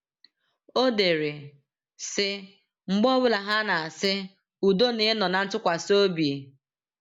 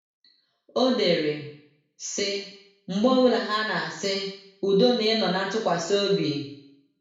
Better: first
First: none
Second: room echo; dies away in 0.6 s

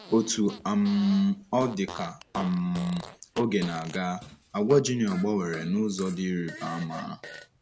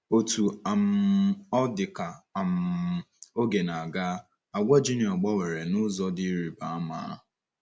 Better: second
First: background sound (Fart); 16 dB below the speech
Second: none

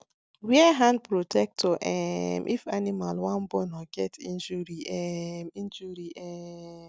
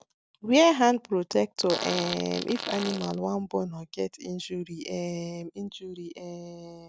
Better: first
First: none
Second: background sound (Fart); 8 dB below the speech

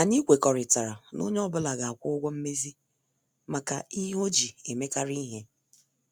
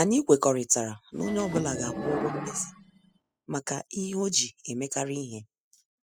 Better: first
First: none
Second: noise reduction (classical method spectral subtraction)

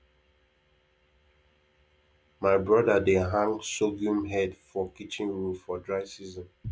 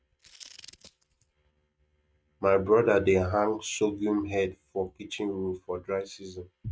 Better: first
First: none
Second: noise reduction (neural mask model RNNoise)

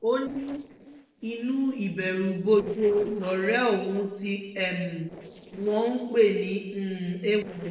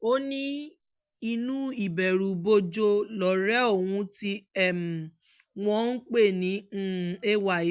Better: second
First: noise reduction (neural separator model SepFormer DNS4)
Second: none

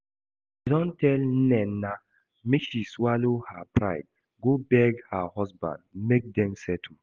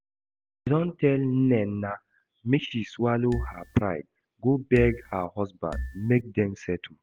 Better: first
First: none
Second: background sound (Marimba, xylophone); 9 dB below the speech

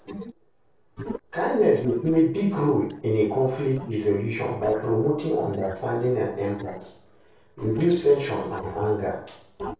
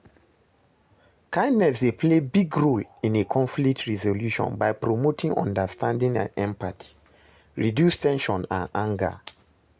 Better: second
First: noise reduction (neural separator model SepFormer DNS4)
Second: none

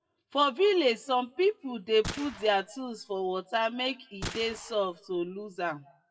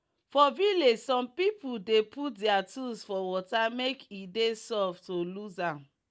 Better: second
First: noise reduction (classical method WPE with log-MMSE)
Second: none

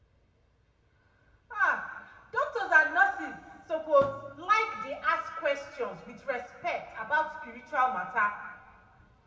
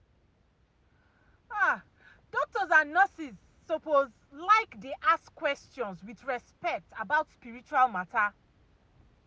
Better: second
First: background sound (Thump, thud); 17 dB below the speech // room echo; dies away in 1.7 s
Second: none

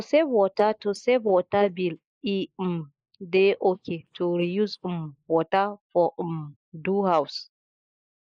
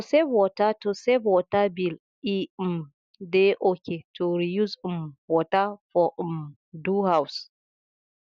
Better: second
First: noise reduction (neural mask model Resemble Enhance denoiser)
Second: none

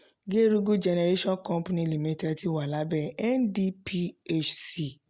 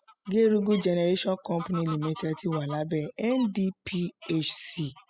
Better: first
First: none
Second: noise reduction (classical method spectral subtraction)

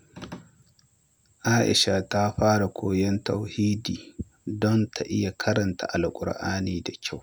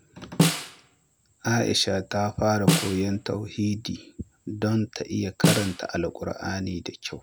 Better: first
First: none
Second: background sound (Snare drum); as loud as the speech

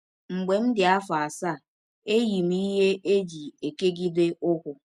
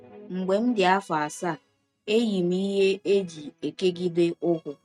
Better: first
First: none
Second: noise reduction (neural mask model RNNoise)

